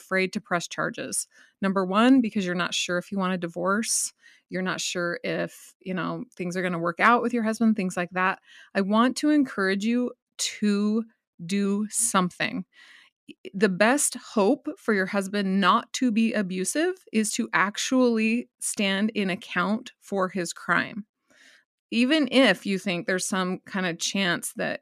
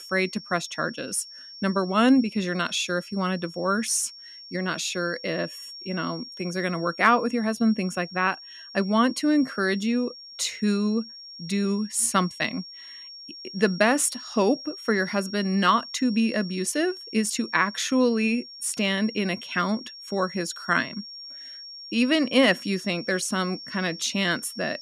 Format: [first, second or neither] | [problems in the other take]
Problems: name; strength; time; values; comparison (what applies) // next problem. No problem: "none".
first | high-pitched whine; noticeable; throughout; 5.5 kHz, 15 dB below the speech